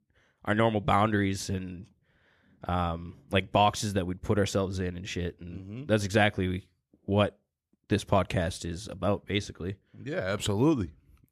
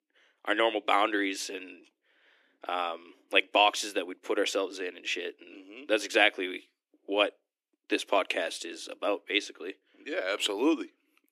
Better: first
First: none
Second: thin; somewhat; fading below 300 Hz

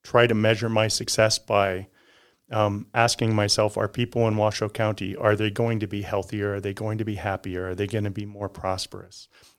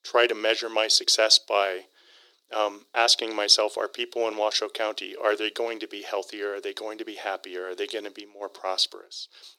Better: first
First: none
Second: thin; very; fading below 350 Hz

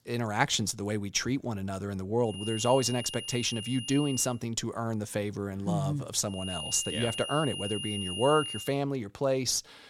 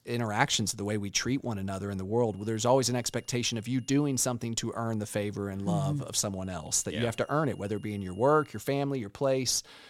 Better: second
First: high-pitched whine; loud; from 2.5 to 4 s and from 6.5 to 8.5 s; 3 kHz, 6 dB below the speech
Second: high-pitched whine; faint; from 2.5 to 4 s and from 6.5 to 8.5 s; 3 kHz, 30 dB below the speech

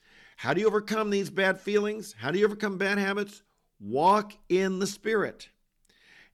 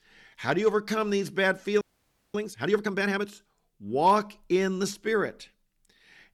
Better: first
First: none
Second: audio freezing; at 2 s for 0.5 s

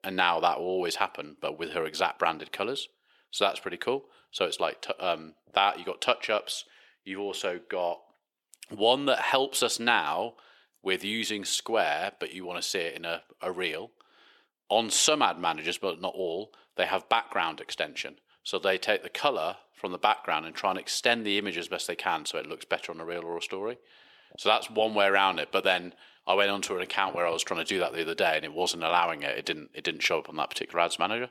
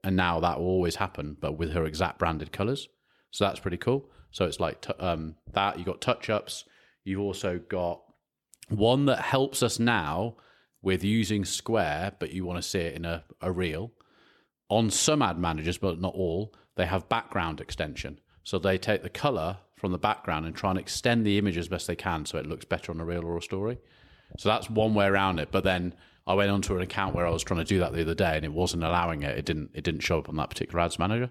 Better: second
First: thin; somewhat; fading below 400 Hz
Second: none

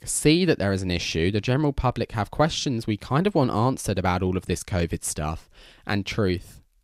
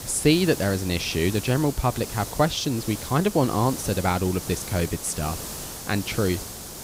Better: first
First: none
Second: hiss; loud; throughout; 10 dB below the speech

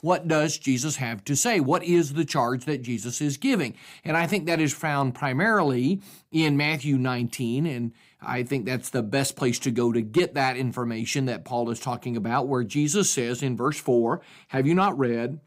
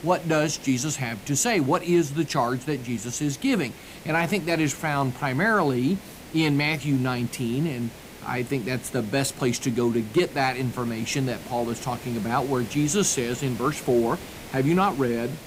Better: first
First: none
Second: hiss; noticeable; throughout; 15 dB below the speech

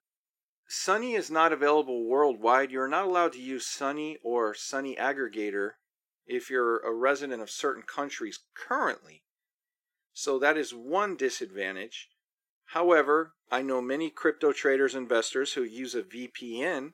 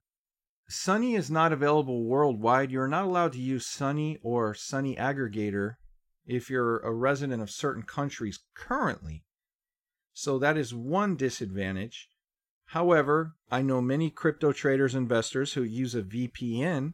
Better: second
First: thin; somewhat; fading below 350 Hz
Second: none

